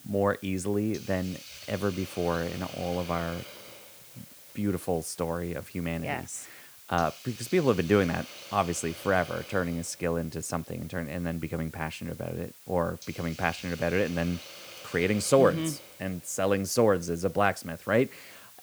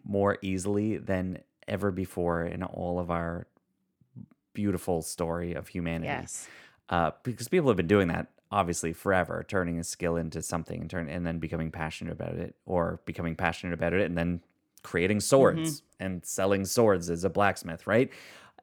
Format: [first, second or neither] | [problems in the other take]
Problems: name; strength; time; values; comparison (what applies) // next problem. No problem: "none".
second | hiss; noticeable; throughout; 15 dB below the speech